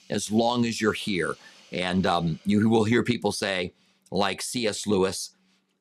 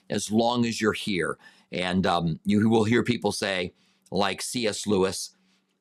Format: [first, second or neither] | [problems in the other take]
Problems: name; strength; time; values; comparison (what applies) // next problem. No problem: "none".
second | hiss; faint; throughout; 25 dB below the speech